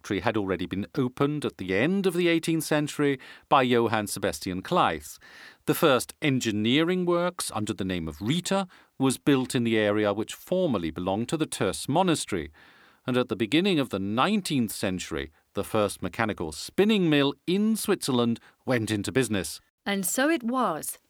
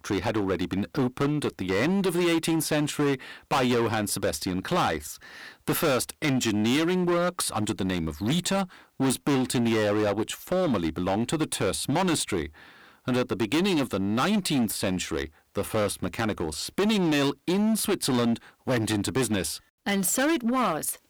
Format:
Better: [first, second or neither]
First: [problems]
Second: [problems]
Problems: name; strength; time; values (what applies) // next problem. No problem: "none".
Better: first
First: none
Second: distortion; heavy; 17% of the sound clipped